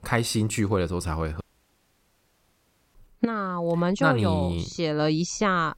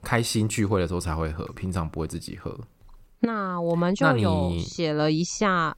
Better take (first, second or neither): second